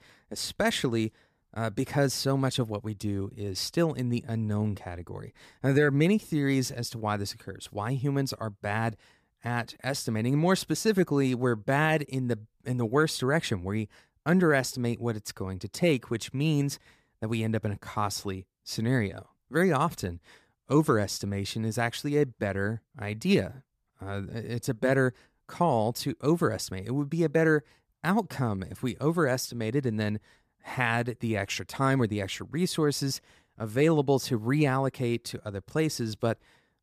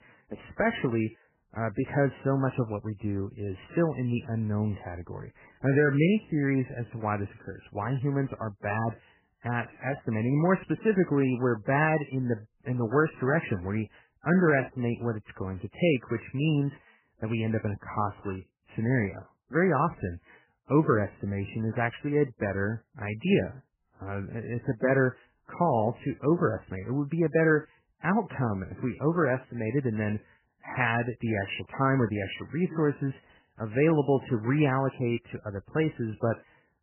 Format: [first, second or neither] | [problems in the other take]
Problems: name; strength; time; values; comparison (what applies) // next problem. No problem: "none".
first | garbled, watery; badly; nothing above 3 kHz